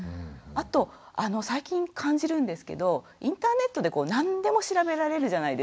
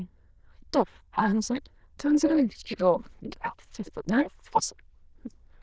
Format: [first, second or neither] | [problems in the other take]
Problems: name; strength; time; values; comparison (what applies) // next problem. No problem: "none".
first | noise reduction (neural diffusion model UNIVERSE++)